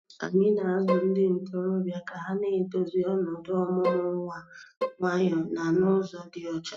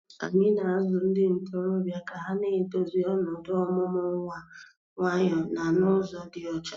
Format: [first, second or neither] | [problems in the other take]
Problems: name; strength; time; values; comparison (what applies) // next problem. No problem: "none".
second | noise reduction (neural mask model RNNoise)